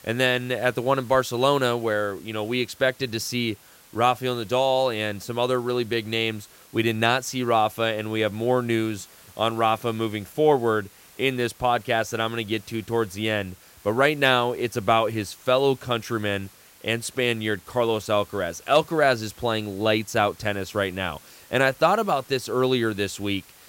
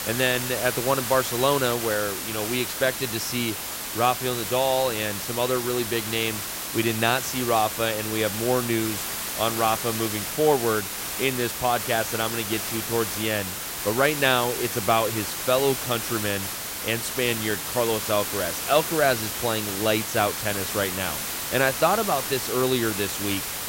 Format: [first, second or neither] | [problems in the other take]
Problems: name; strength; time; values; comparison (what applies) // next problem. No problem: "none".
first | hiss; loud; throughout; 3 dB below the speech; faint in the first